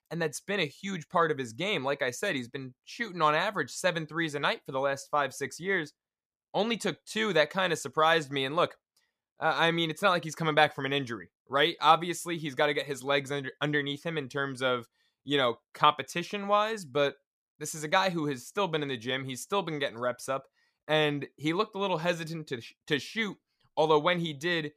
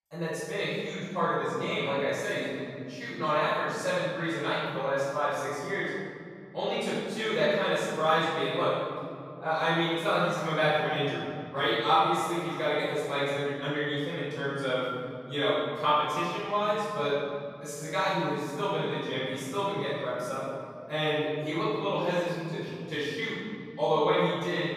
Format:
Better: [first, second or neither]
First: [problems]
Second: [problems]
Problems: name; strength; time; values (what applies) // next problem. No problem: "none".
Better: first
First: none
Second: room echo; strong; dies away in 2.5 s // off-mic speech; far